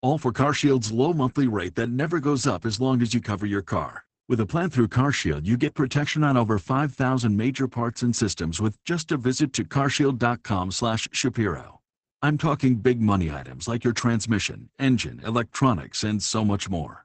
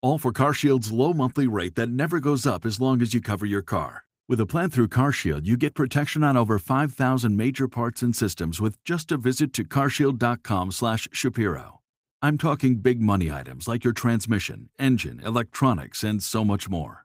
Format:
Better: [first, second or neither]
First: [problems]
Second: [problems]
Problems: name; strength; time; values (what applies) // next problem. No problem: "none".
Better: second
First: garbled, watery; badly; nothing above 8 kHz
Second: garbled, watery; slightly; nothing above 15.5 kHz